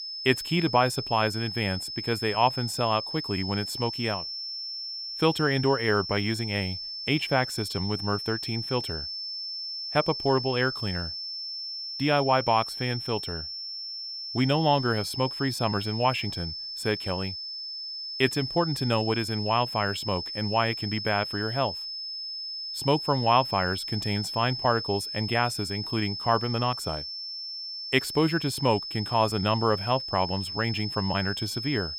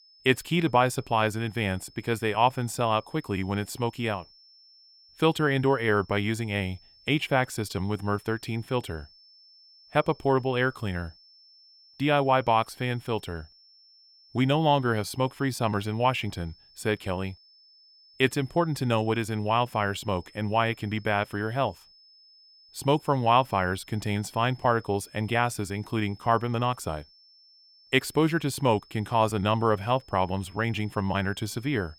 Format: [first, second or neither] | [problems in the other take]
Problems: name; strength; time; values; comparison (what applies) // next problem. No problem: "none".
second | high-pitched whine; loud; throughout; 5 kHz, 5 dB below the speech; faint in the second